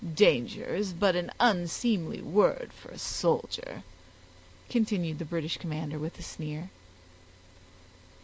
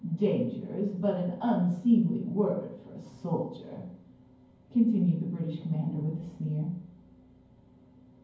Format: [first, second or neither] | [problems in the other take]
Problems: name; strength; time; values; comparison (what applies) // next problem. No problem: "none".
first | room echo; dies away in 0.9 s